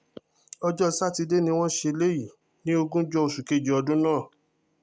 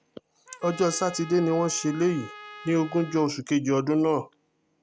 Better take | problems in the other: first | background sound (Trumpet); 17 dB below the speech

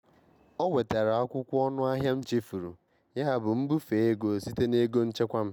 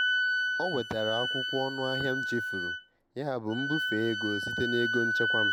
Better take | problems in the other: first | background sound (Wind instrument, woodwind instrument); 2 dB above the speech

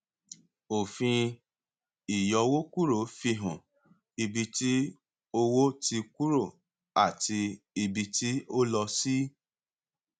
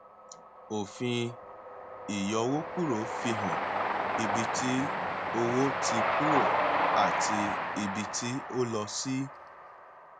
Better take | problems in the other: first | background sound (Train); 2 dB above the speech

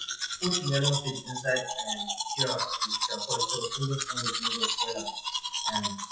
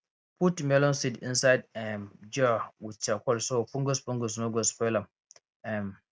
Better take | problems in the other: second | noise reduction (classical method WPE with log-MMSE)

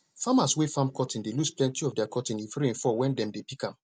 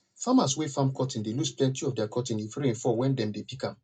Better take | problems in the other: first | room echo; dies away in 0.2 s

